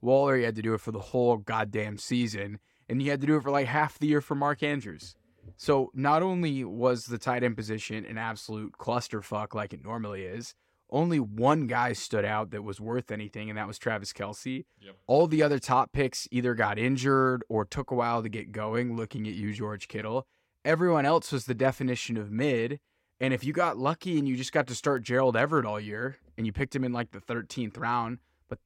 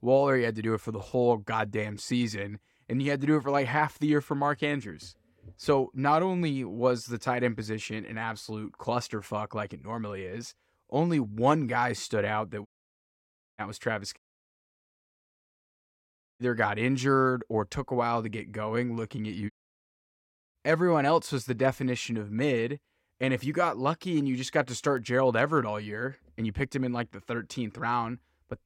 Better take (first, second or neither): first